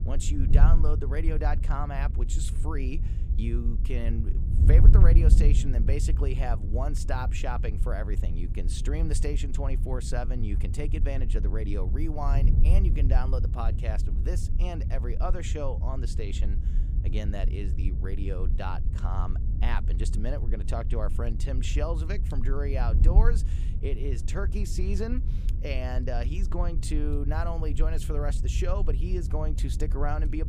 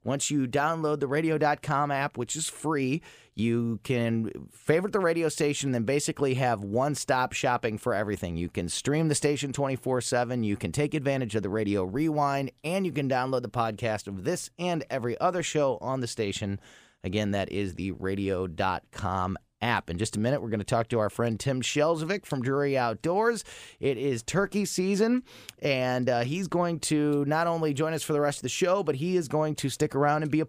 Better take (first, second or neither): second